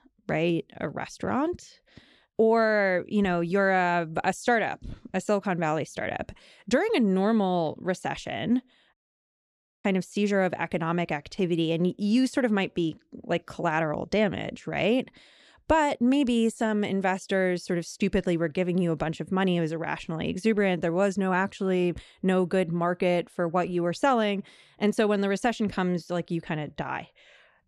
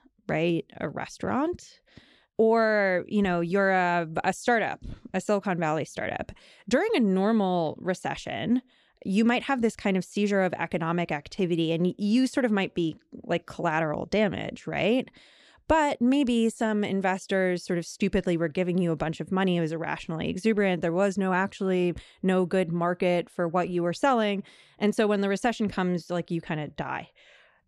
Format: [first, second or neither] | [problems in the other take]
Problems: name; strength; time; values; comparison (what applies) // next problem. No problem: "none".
second | audio cutting out; at 9 s for 1 s